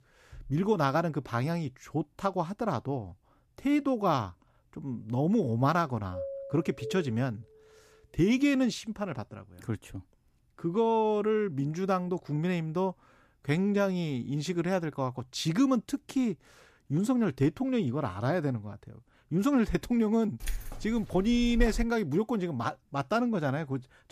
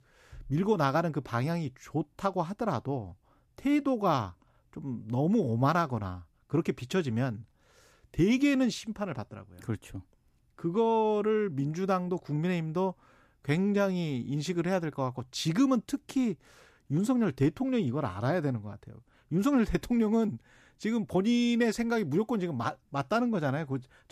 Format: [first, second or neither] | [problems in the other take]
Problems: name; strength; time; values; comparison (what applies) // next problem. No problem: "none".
second | doorbell; noticeable; from 6 to 7 s; peak 8 dB below the speech // jangling keys; noticeable; from 20 to 22 s; peak 6 dB below the speech